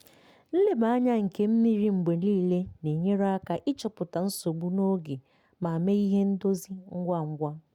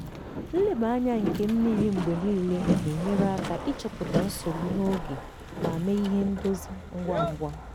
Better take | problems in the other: first | background sound (Boat, Water vehicle); 4 dB below the speech

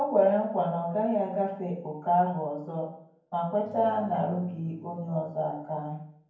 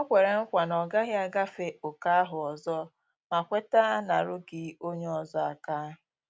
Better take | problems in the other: second | background sound (Acoustic guitar / Strum); 20 dB below the speech // room echo; dies away in 0.9 s

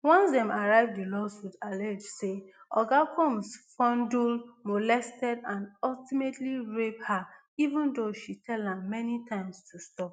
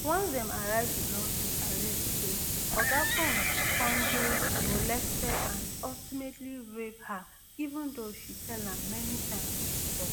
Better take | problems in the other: first | background sound (Livestock, farm animals, working animals + Hiss); 5 dB above the speech

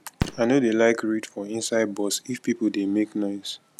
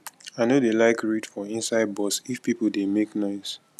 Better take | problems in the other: second | background sound (Fireworks); 12 dB below the speech

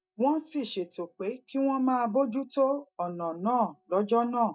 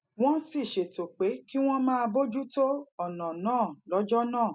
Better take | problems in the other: second | noise reduction (neural mask model DeepFilterNet 3)

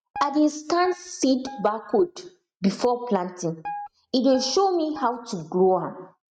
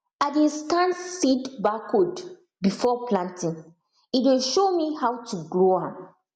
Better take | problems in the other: second | noise reduction (neural mask model RNNoise)

